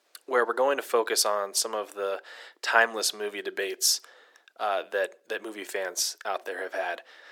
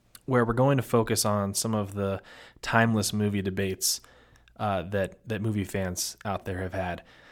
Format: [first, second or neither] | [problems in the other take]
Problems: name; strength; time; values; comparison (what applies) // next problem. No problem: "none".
second | thin; very; fading below 350 Hz